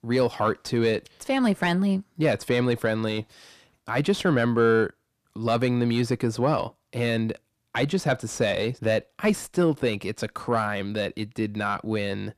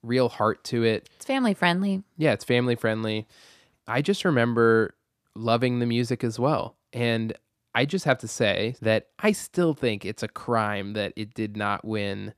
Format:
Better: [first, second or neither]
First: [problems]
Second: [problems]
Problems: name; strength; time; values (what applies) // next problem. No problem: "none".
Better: second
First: distortion; slight; 10 dB below the speech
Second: none